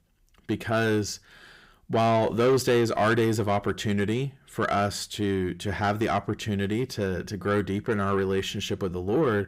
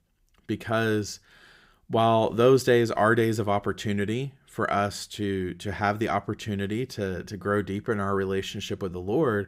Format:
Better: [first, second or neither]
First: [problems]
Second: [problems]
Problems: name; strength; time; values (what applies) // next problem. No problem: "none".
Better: second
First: distortion; slight; 10 dB below the speech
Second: none